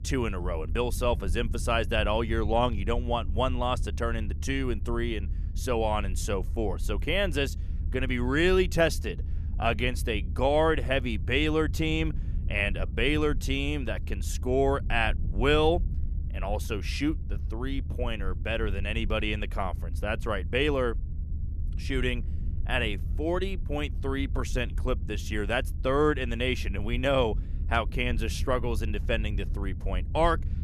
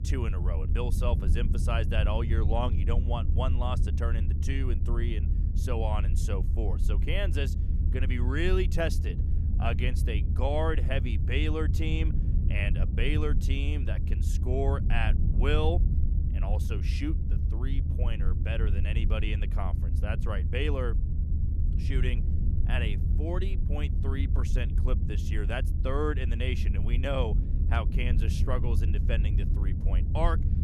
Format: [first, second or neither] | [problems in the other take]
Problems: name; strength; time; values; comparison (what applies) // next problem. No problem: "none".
first | low rumble; loud; throughout; 9 dB below the speech; faint in the first